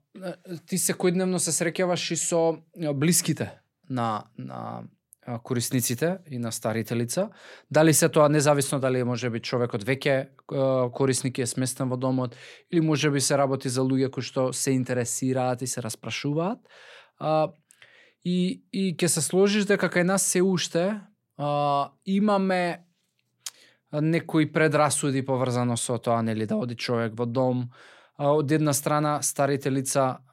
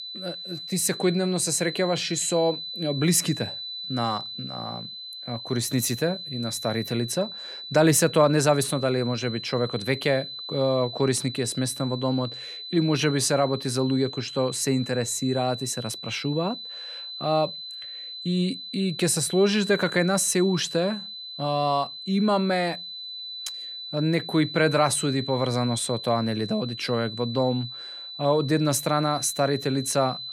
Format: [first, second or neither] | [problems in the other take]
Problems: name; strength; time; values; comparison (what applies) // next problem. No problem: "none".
first | high-pitched whine; loud; throughout; 4 kHz, 9 dB below the speech